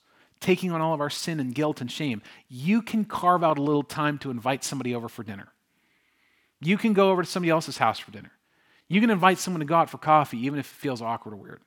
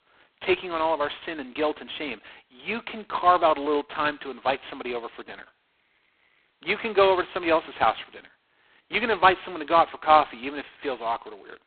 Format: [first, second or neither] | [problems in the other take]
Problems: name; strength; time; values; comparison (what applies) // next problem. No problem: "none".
first | phone-call audio; poor line; nothing above 4 kHz